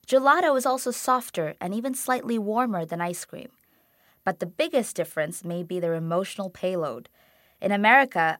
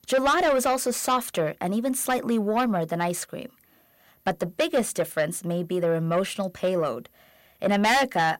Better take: first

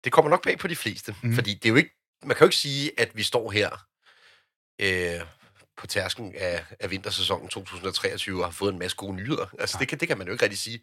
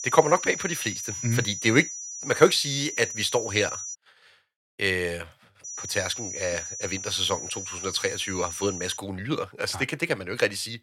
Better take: first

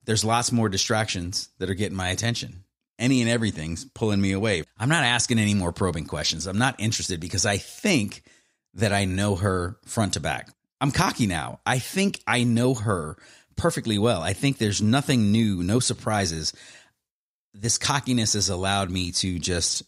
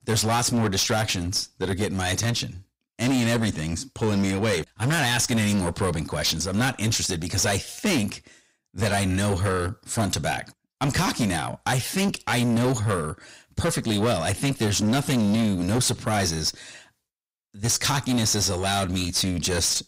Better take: first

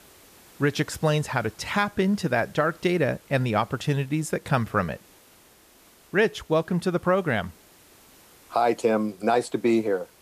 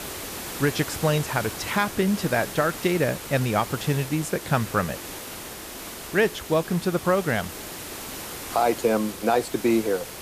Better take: first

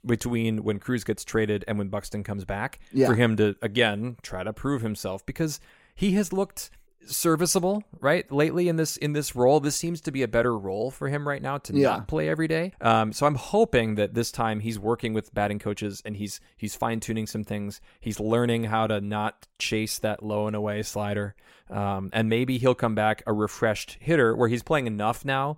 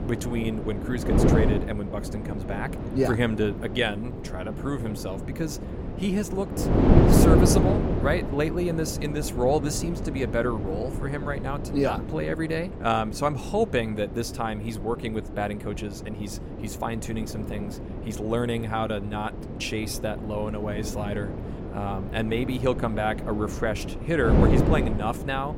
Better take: first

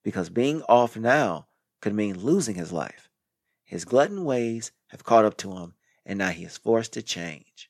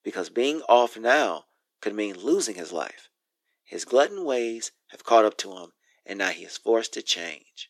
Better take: first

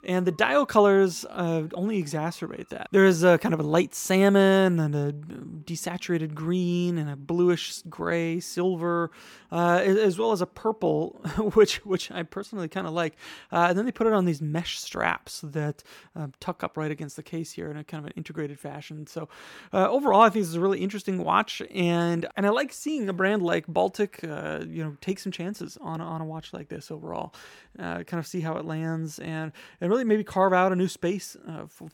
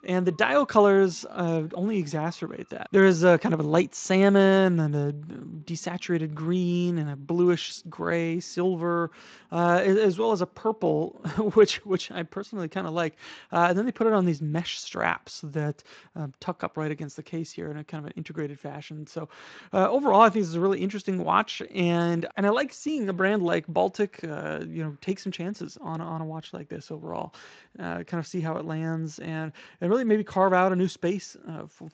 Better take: first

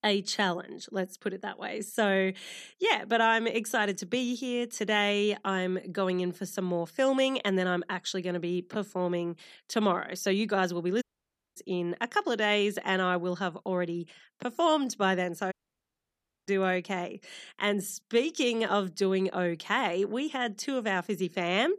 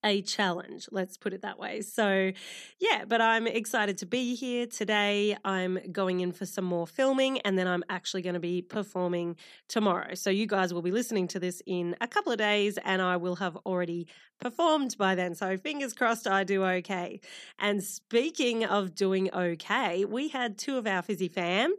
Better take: second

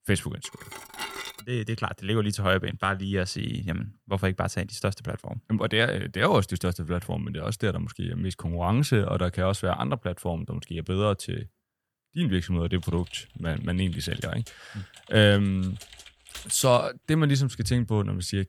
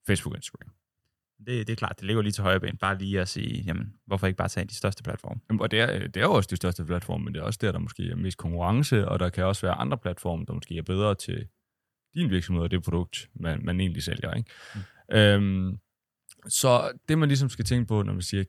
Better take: second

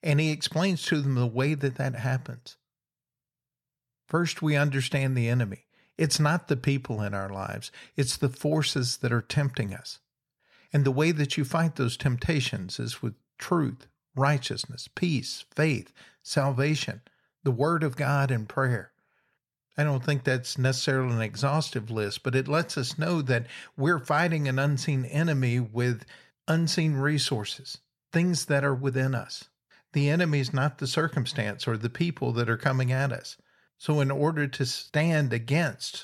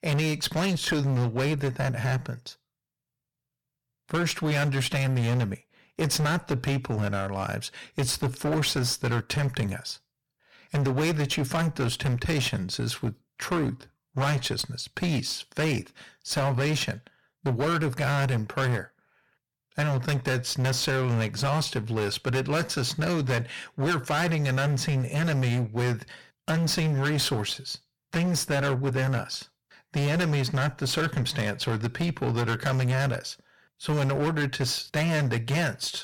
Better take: first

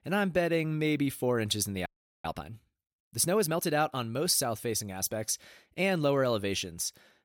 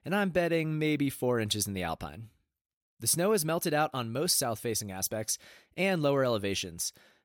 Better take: second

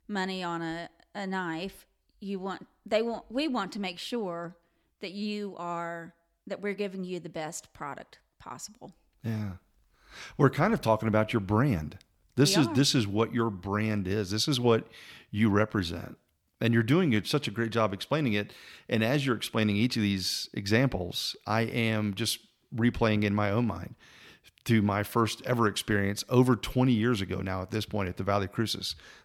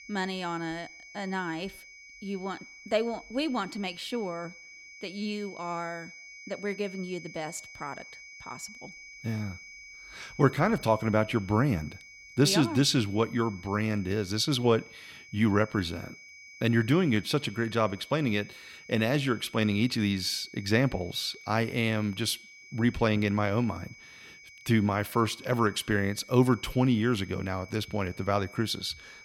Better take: first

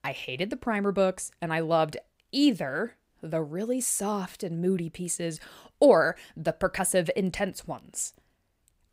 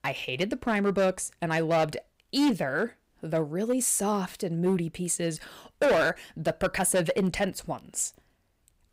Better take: first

